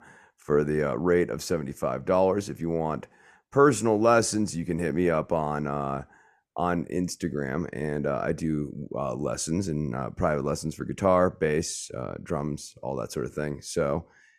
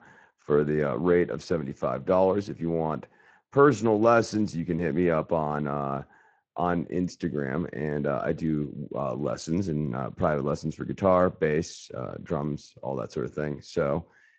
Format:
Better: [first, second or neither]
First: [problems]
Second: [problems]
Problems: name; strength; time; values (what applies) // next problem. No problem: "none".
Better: first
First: none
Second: garbled, watery; slightly; nothing above 7.5 kHz